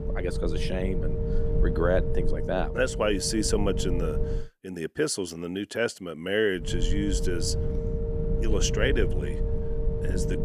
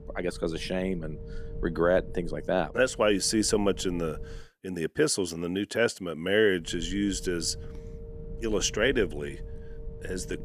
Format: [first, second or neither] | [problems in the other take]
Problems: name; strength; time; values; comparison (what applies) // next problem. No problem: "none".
second | low rumble; loud; until 4.5 s and from 6.5 s on; 6 dB below the speech; faint in the second